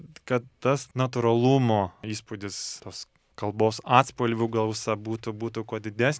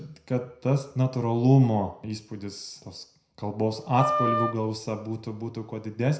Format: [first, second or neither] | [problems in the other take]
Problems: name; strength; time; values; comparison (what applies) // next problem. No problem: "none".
first | background sound (Wind instrument, woodwind instrument); 3 dB below the speech // room echo; dies away in 0.5 s